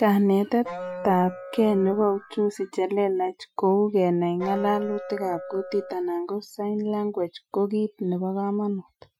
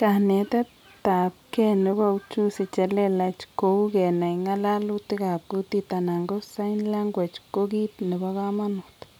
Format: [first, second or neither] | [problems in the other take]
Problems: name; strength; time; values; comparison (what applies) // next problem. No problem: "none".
second | noise reduction (classical method Wiener filter)